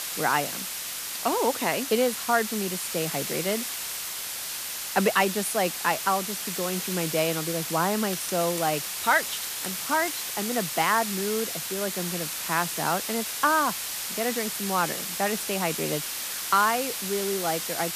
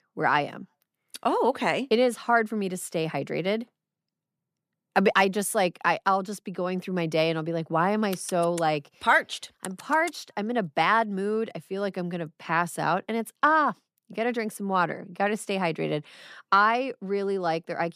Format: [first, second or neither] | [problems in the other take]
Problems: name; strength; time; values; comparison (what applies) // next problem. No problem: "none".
second | hiss; loud; throughout; 3 dB below the speech